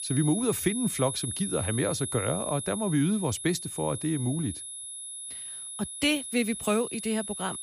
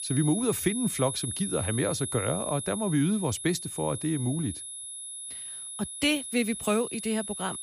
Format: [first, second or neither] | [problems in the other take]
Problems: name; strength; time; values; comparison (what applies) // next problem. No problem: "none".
neither | high-pitched whine; loud; throughout; 10.5 kHz, 6 dB below the speech; the same in both